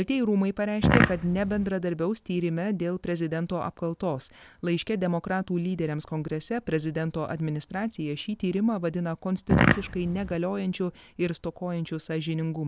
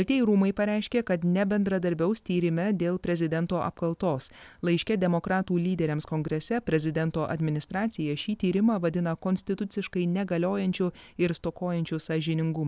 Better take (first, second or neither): second